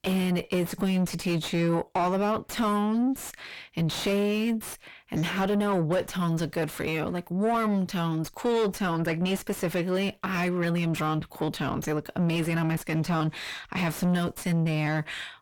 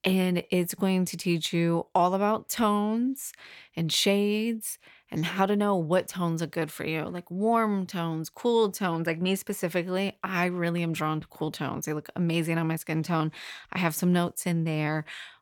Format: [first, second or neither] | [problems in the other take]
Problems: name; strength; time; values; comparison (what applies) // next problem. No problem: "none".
second | distortion; heavy; 6 dB below the speech